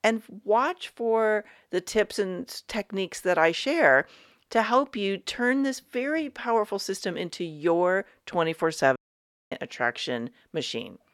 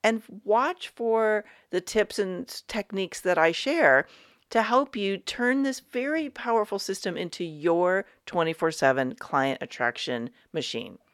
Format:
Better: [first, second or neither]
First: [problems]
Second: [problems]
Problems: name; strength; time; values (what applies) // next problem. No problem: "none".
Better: second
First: audio cutting out; at 9 s for 0.5 s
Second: none